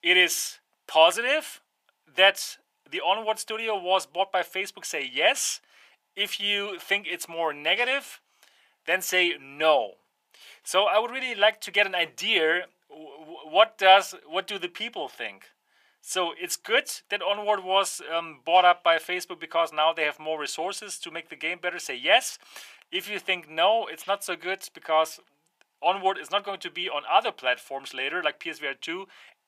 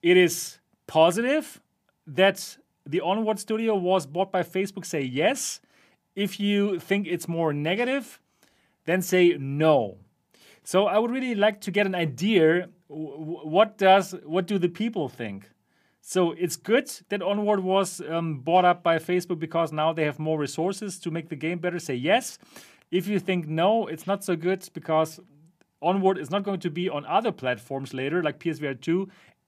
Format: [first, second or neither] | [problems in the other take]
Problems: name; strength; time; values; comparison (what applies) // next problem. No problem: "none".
second | thin; very; fading below 800 Hz